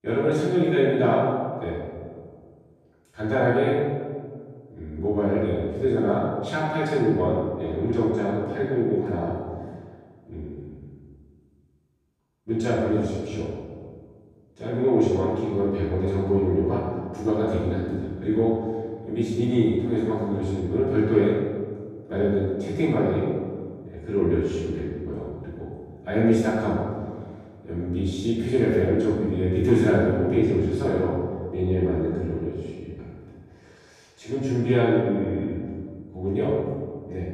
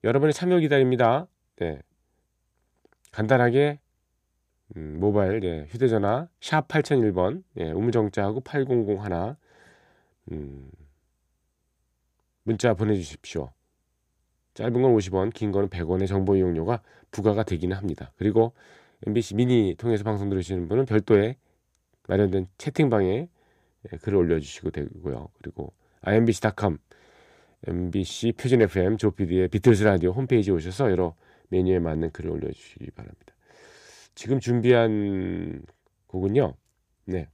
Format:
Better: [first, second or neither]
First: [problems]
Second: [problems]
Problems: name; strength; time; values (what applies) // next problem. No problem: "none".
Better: second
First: room echo; strong; dies away in 1.7 s // off-mic speech; far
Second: none